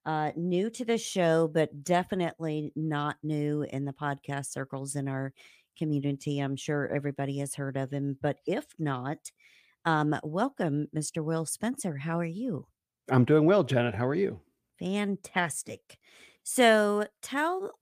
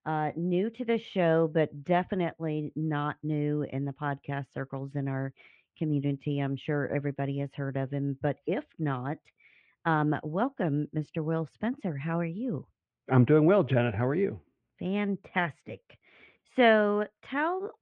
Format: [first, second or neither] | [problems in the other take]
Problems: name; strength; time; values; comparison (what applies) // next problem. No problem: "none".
first | muffled; very; fading above 2.5 kHz